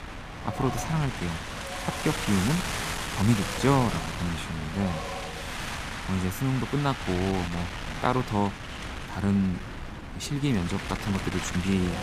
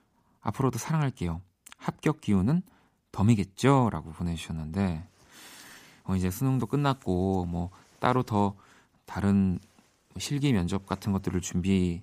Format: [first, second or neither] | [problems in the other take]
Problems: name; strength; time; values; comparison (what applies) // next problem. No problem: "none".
second | wind noise on the microphone; heavy; 1 dB below the speech